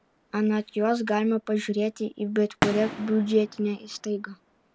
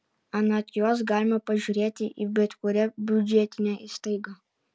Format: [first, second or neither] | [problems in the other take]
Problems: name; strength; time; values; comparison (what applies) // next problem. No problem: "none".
second | background sound (Fireworks); 11 dB below the speech